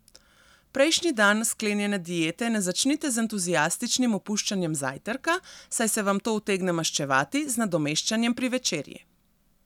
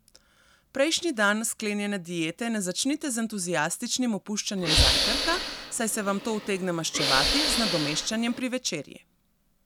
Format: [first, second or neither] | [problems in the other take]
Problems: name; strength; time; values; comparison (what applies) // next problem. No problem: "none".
first | background sound (Hiss / Breathing); 2 dB above the speech